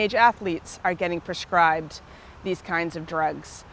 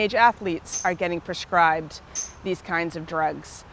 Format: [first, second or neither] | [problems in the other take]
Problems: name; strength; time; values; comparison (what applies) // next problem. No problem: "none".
first | background sound (Tambourine); 15 dB below the speech